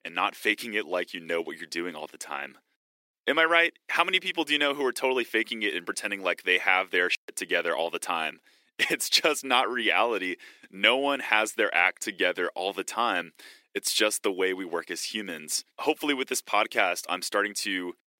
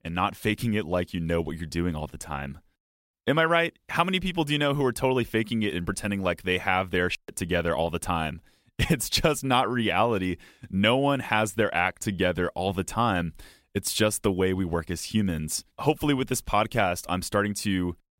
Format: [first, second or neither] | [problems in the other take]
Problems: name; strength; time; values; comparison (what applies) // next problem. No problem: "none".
second | thin; somewhat; fading below 300 Hz